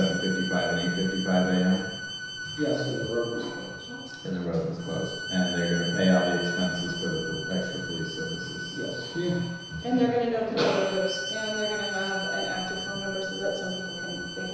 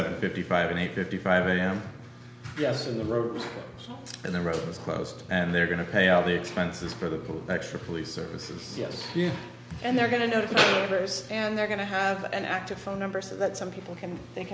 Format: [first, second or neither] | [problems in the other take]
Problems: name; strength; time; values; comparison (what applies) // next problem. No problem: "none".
second | background sound (Bowed string instrument); 7 dB below the speech // room echo; dies away in 1 s